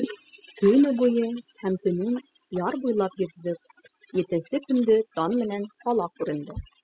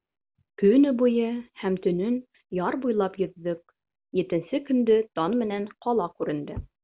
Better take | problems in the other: second | noise reduction (classical method spectral subtraction)

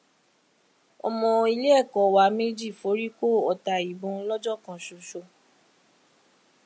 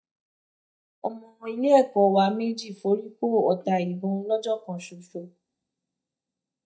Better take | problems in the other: first | noise reduction (neural mask model DeepFilterNet 3)

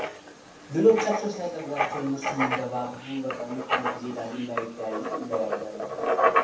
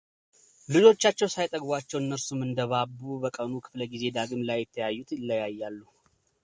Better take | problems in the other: second | background sound (Writing); as loud as the speech // room echo; dies away in 0.7 s

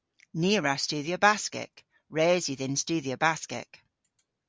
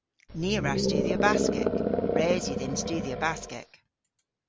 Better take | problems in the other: first | background sound (Animal); 4 dB above the speech

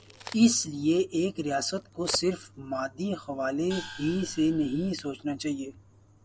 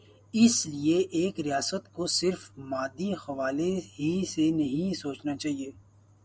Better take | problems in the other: second | background sound (Gong + Crack); 18 dB below the speech

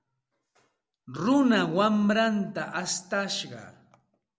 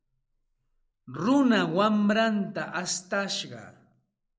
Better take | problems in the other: first | noise reduction (neural mask model Resemble Enhance denoiser)

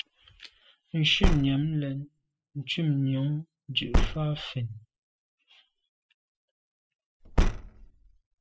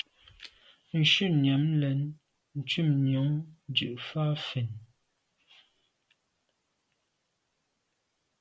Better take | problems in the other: second | noise reduction (classical method spectral subtraction)

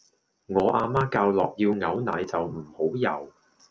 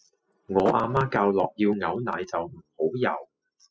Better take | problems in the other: first | noise reduction (classical method spectral subtraction)

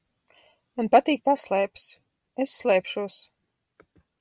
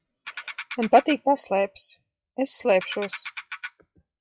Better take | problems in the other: first | noise reduction (classical method log-MMSE)

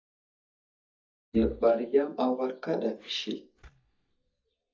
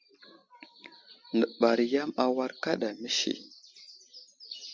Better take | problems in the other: second | noise reduction (neural mask model DeepFilterNet 3)

